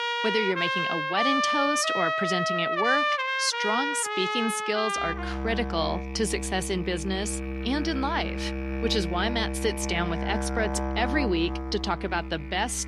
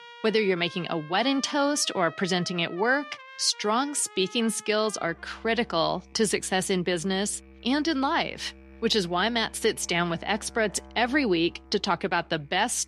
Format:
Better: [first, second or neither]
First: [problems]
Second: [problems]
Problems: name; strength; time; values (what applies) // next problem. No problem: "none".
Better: second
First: background music; loud; throughout; as loud as the speech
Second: background music; faint; throughout; 20 dB below the speech